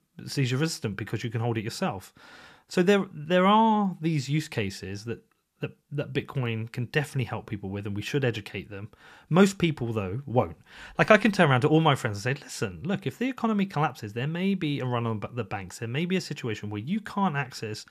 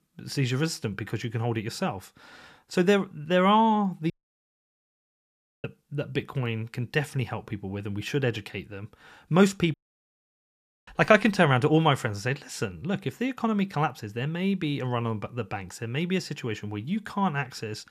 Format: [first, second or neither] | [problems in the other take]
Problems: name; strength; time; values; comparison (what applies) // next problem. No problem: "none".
first | audio cutting out; at 4 s for 1.5 s and at 9.5 s for 1 s